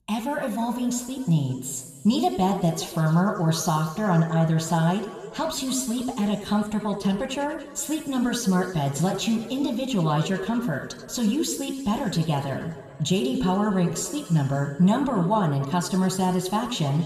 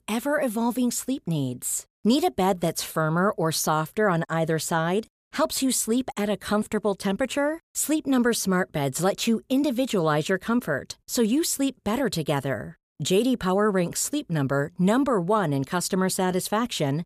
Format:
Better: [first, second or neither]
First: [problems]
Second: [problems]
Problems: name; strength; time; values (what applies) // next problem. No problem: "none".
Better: second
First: room echo; noticeable; dies away in 1.9 s // off-mic speech; somewhat distant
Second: none